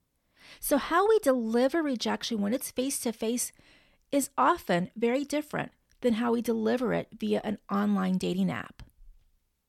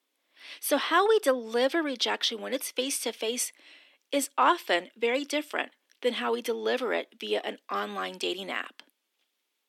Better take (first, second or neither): first